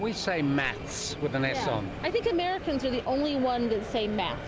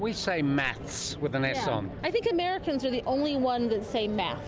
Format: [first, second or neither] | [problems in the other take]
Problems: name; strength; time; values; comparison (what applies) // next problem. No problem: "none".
second | background sound (Subway, metro, underground); 13 dB below the speech